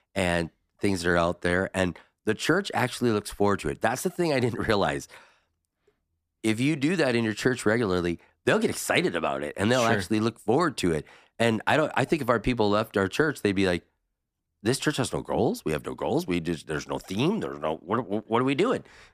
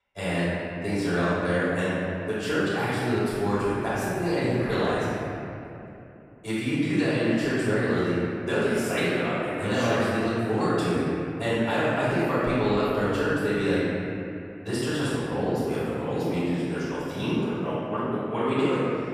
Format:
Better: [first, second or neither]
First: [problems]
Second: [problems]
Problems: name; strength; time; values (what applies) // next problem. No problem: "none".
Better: first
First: none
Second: room echo; strong; dies away in 2.7 s // off-mic speech; far